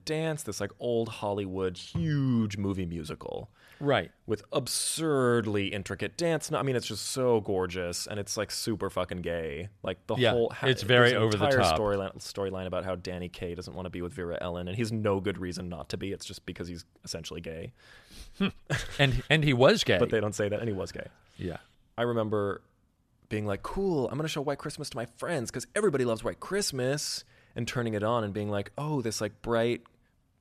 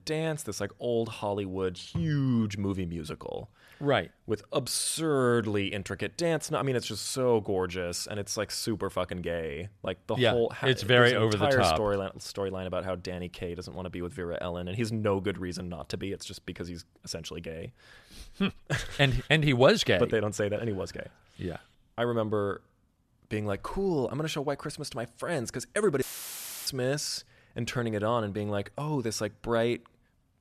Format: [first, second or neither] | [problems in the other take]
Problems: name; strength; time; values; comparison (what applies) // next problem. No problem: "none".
first | audio cutting out; filled with static; at 26 s for 0.5 s